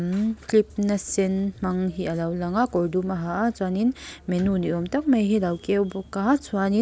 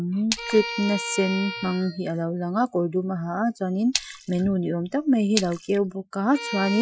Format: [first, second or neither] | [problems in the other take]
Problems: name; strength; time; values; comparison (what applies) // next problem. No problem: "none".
first | noise reduction (classical method Wiener filter)